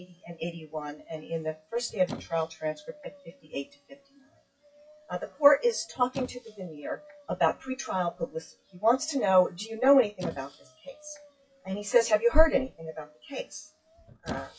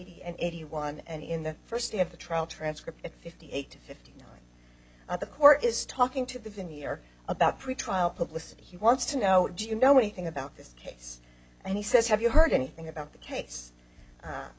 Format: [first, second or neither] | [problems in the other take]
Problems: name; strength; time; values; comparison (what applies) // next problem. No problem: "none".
second | noise reduction (classical method WPE with log-MMSE)